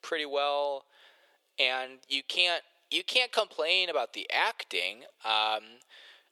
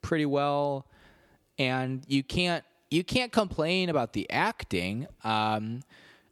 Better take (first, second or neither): second